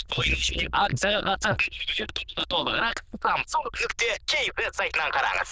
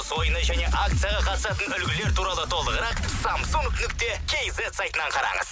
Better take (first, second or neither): second